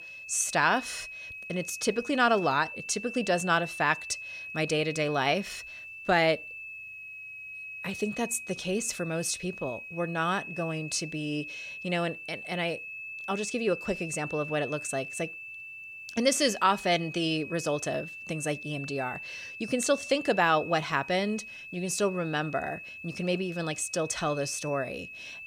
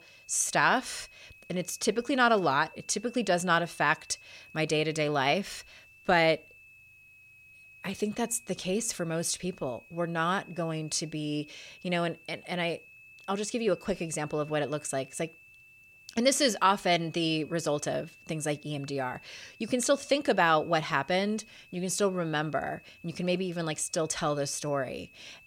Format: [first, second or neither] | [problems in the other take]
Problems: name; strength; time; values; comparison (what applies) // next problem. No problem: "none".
second | high-pitched whine; loud; throughout; 2.5 kHz, 10 dB below the speech; faint in the second